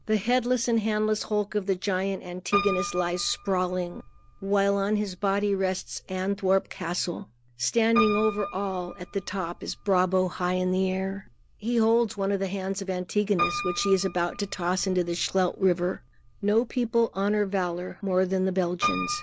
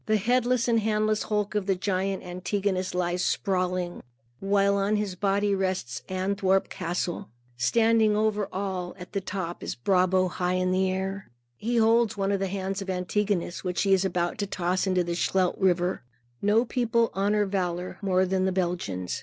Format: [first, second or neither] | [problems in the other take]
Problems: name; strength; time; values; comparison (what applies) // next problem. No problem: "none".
second | background sound (Piano); 12 dB below the speech